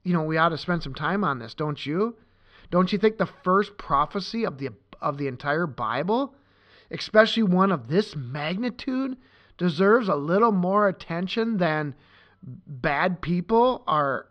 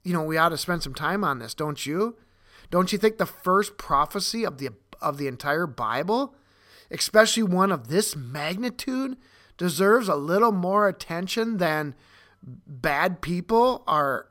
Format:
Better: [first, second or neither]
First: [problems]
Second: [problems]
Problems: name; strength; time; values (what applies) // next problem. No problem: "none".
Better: second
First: muffled; very slightly; fading above 4 kHz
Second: none